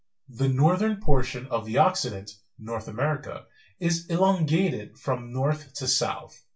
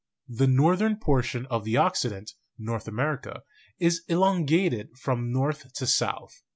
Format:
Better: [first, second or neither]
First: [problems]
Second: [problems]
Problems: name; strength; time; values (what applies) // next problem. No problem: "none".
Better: second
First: room echo; dies away in 0.2 s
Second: none